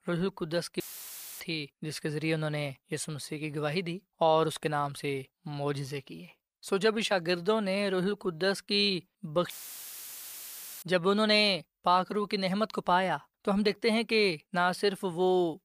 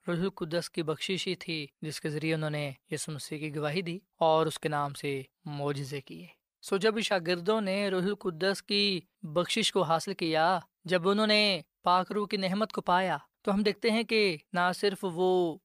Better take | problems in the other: second | audio cutting out; filled with static; at 1 s for 0.5 s and at 9.5 s for 1.5 s

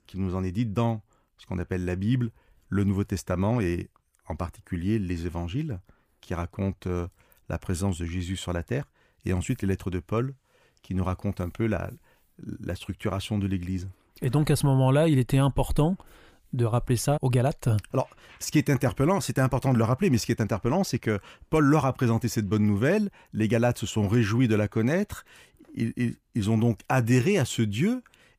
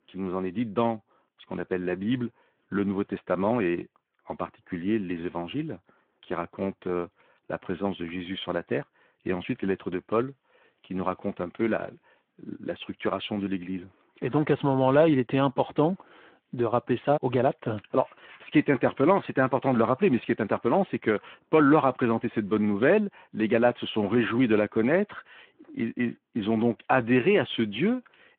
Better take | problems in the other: first | phone-call audio

